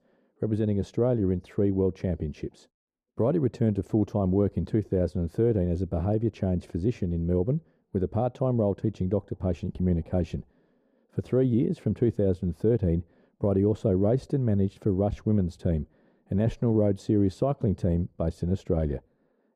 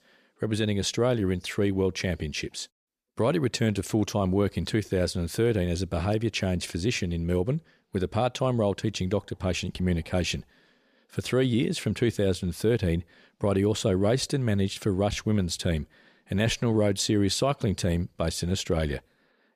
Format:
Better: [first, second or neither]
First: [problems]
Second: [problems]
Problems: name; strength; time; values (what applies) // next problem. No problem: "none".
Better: second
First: muffled; very; fading above 1.5 kHz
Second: none